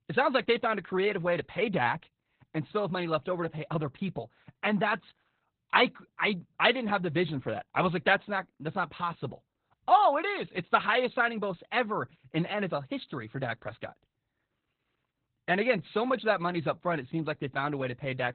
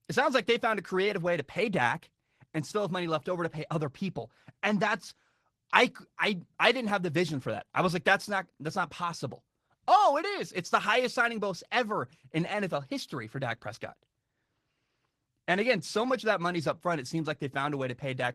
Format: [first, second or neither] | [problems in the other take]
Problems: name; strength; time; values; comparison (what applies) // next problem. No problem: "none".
second | garbled, watery; badly; nothing above 4 kHz; slightly in the second